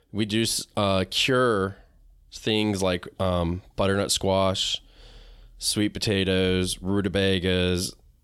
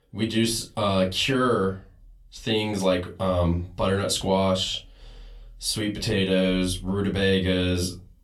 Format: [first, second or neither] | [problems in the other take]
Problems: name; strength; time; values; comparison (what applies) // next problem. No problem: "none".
first | off-mic speech; somewhat distant // room echo; very slight; dies away in 0.2 s